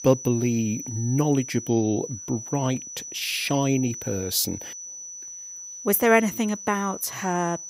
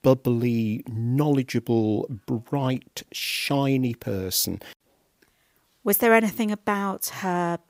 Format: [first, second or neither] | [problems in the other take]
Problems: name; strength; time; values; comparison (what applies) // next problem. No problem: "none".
second | high-pitched whine; noticeable; throughout; 6 kHz, 10 dB below the speech